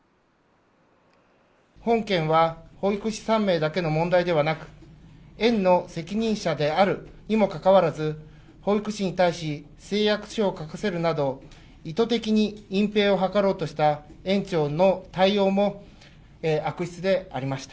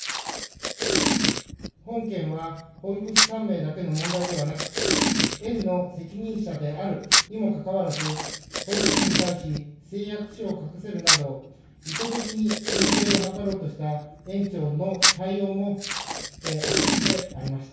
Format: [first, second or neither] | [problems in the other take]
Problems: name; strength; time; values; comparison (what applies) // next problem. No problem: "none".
first | background sound (Packing tape, duct tape); 3 dB above the speech // room echo; dies away in 0.6 s